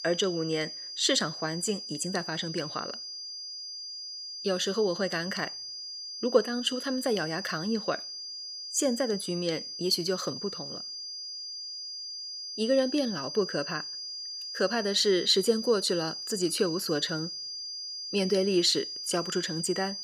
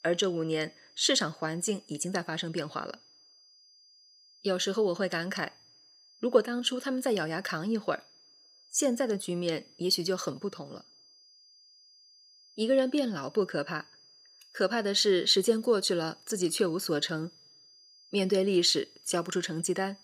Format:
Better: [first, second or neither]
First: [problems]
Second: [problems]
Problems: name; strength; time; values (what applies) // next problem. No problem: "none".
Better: second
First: high-pitched whine; loud; throughout; 5 kHz, 7 dB below the speech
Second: high-pitched whine; faint; throughout; 5 kHz, 25 dB below the speech